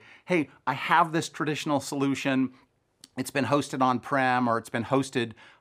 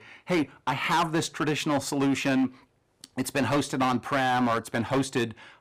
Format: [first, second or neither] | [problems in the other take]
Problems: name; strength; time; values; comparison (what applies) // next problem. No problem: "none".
first | distortion; heavy; 10% of the sound clipped